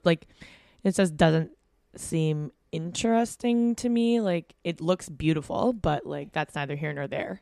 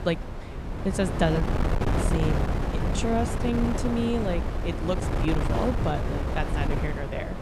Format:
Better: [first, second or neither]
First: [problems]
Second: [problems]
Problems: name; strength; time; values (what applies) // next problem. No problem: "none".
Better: first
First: none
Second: wind noise on the microphone; heavy; 2 dB below the speech